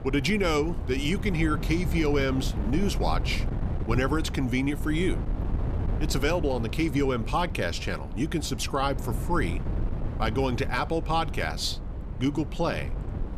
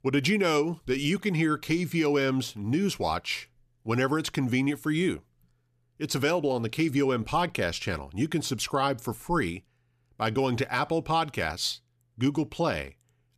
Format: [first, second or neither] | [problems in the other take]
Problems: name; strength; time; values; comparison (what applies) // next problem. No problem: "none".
second | wind noise on the microphone; occasional gusts; 15 dB below the speech